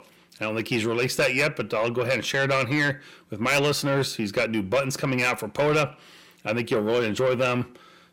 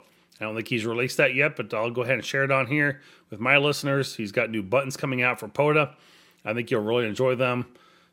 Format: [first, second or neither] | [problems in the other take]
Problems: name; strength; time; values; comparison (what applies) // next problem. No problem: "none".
second | distortion; heavy; 8 dB below the speech